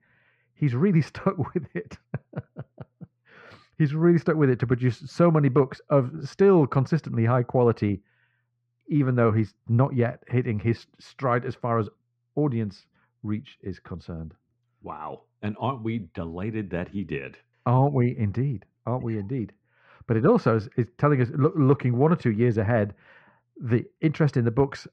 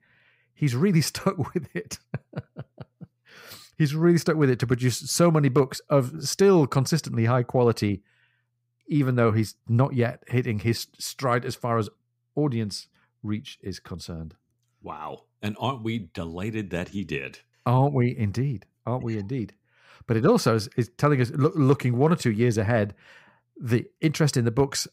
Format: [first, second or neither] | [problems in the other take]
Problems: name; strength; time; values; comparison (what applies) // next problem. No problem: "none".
second | muffled; very; fading above 2 kHz